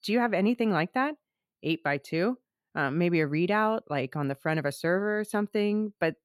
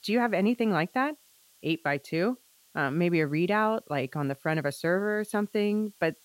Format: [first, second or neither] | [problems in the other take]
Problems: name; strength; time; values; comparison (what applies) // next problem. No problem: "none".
first | hiss; faint; throughout; 30 dB below the speech